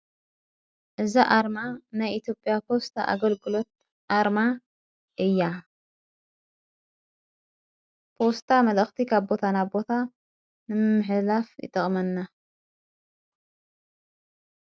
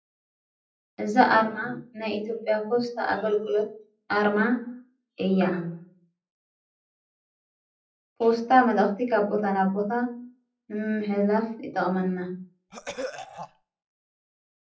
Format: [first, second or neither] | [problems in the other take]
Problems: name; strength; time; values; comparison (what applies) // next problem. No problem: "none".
first | noise reduction (classical method WPE with log-MMSE)